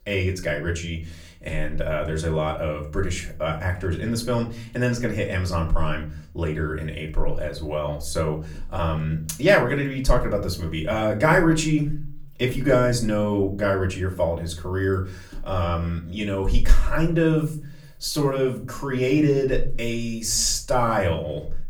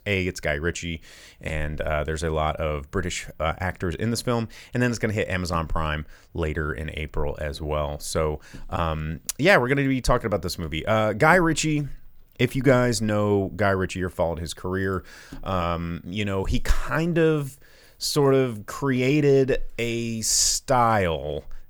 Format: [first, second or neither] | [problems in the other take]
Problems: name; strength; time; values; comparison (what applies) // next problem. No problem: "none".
second | off-mic speech; far // room echo; very slight; dies away in 0.4 s